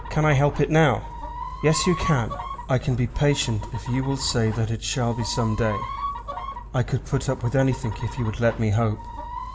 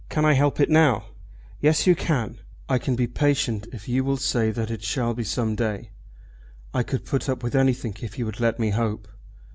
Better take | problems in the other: second | background sound (Chicken, rooster); 12 dB below the speech // room echo; dies away in 1 s

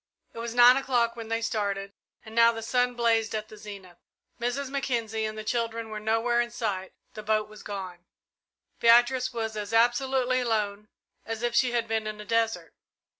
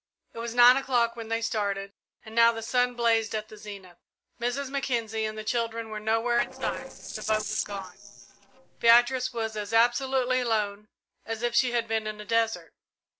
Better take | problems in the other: first | noise reduction (neural separator model SepFormer DNS4)

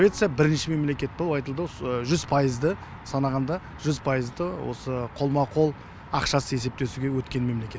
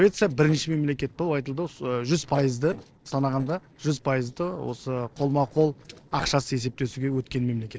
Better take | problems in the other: first | noise reduction (neural separator model SepFormer DNS4)

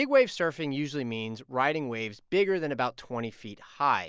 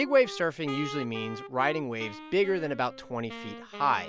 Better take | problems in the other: first | background sound (Wind instrument, woodwind instrument); 13 dB below the speech

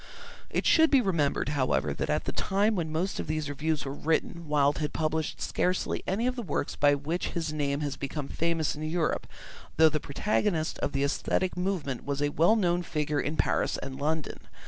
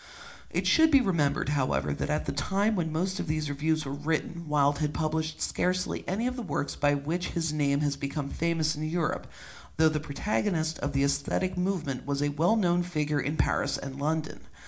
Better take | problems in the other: first | room echo; dies away in 0.4 s

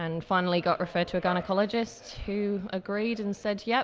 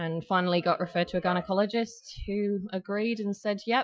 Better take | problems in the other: first | noise reduction (classical method Wiener filter)

